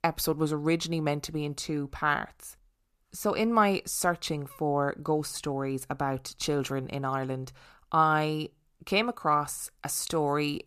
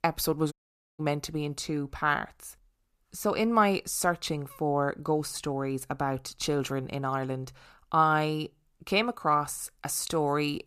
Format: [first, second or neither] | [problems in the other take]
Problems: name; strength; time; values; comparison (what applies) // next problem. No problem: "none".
first | audio cutting out; at 0.5 s